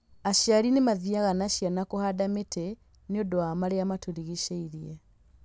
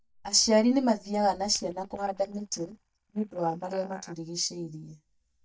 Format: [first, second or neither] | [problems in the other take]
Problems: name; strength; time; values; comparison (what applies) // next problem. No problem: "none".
first | noise reduction (neural mask model DeepFilterNet 3)